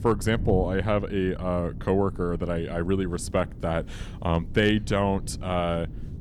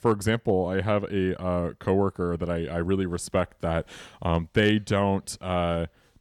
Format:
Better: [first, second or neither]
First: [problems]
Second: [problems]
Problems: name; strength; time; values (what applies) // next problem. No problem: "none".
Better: second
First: wind noise on the microphone; occasional gusts; 20 dB below the speech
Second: none